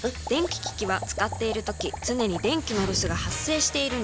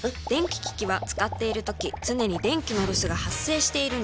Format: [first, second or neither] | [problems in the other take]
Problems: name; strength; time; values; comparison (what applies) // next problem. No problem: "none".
second | background sound (Boiling); 19 dB below the speech